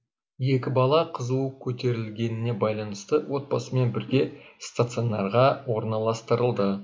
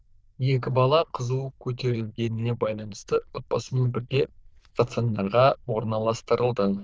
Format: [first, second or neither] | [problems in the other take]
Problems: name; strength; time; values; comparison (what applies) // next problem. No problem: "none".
first | noise reduction (neural diffusion model UNIVERSE++)